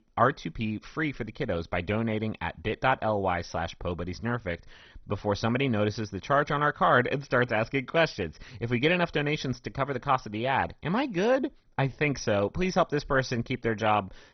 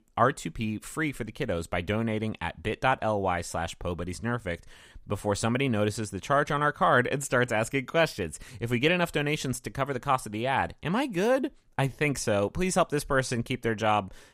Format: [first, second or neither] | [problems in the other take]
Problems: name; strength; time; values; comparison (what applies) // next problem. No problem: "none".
second | garbled, watery; badly; nothing above 6 kHz